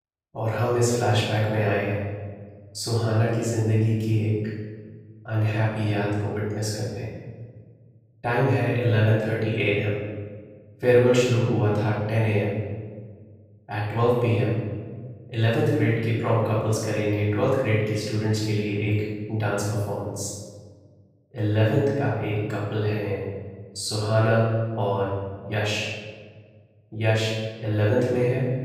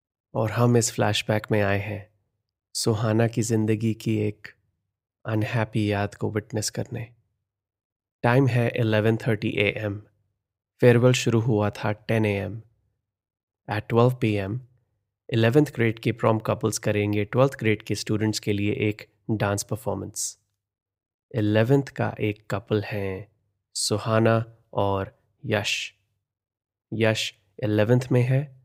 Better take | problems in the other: second | room echo; strong; dies away in 1.4 s // off-mic speech; far

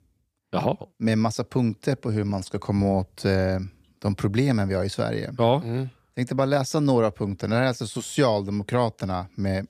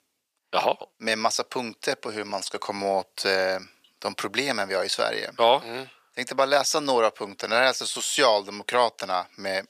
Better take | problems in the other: first | thin; very; fading below 700 Hz

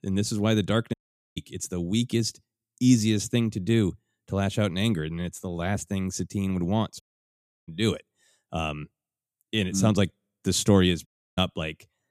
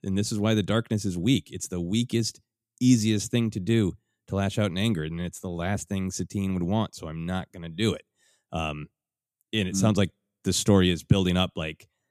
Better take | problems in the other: second | audio cutting out; at 1 s, at 7 s for 0.5 s and at 11 s

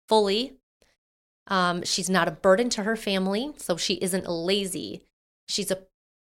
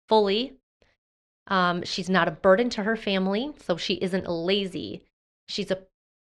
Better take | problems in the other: first | muffled; very slightly; fading above 3 kHz

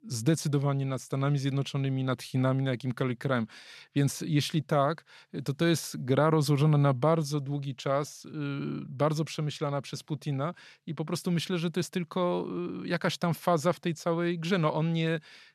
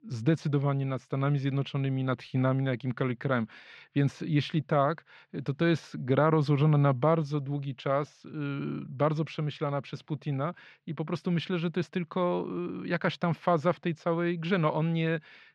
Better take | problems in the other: first | muffled; slightly; fading above 2.5 kHz

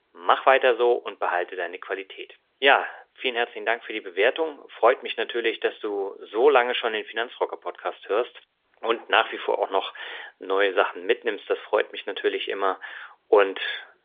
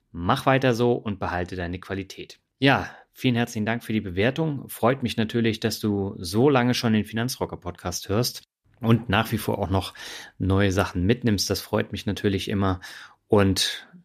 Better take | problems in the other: second | phone-call audio; nothing above 3.5 kHz

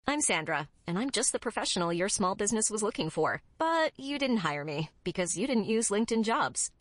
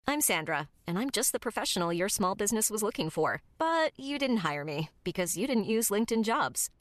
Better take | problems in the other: second | garbled, watery; slightly; nothing above 10.5 kHz

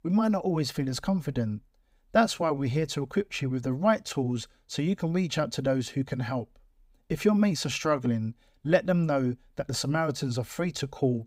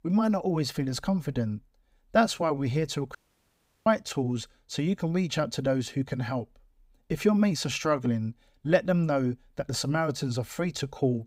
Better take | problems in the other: first | audio cutting out; at 3 s for 0.5 s

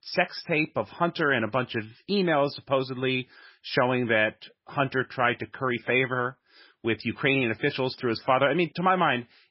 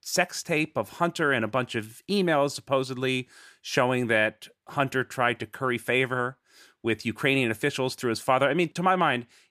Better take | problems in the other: second | garbled, watery; badly; nothing above 5.5 kHz

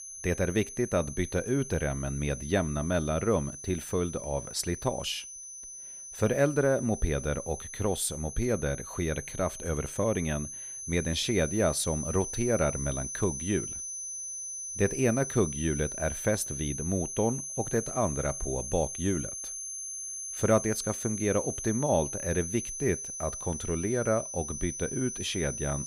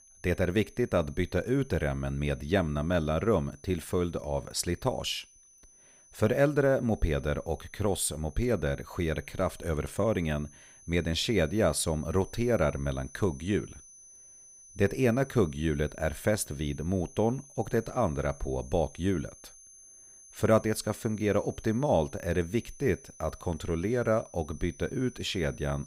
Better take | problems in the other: second | high-pitched whine; loud; throughout; 6 kHz, 6 dB below the speech; faint in the second

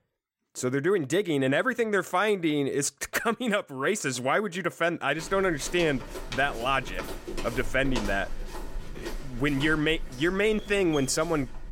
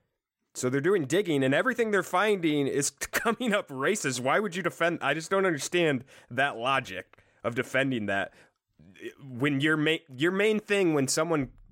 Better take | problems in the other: second | footsteps; noticeable; from 5 s on; peak 8 dB below the speech

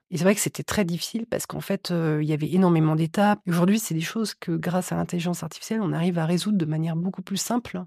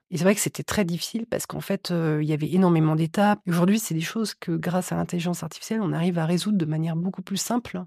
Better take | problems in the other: neither | none

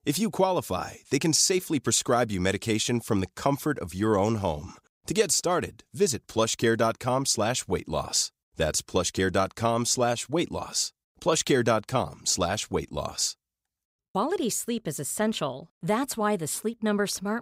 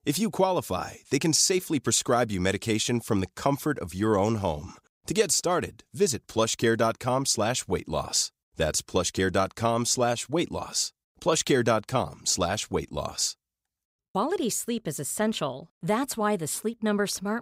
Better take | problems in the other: neither | none

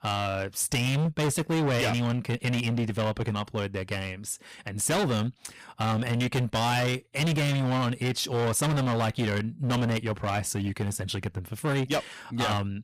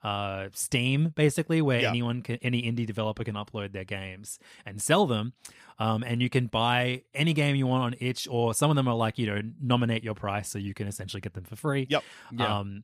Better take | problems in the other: second | distortion; heavy; 22% of the sound clipped

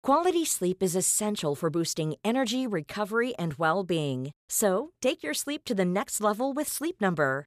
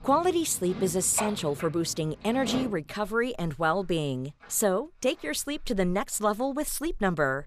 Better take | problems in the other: first | animal sounds; noticeable; throughout; 10 dB below the speech

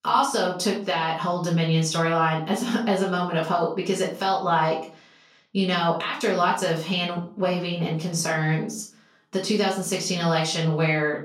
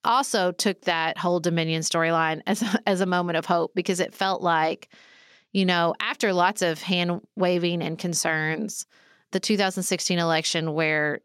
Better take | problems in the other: second | room echo; slight; dies away in 0.3 s // off-mic speech; far

